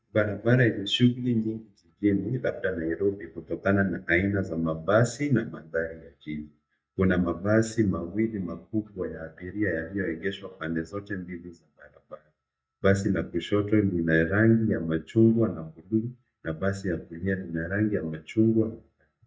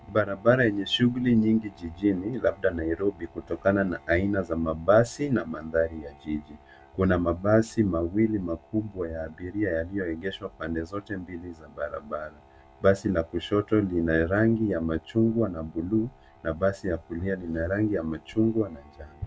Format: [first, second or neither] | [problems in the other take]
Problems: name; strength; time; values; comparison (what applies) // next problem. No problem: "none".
second | noise reduction (neural mask model DeepFilterNet 3)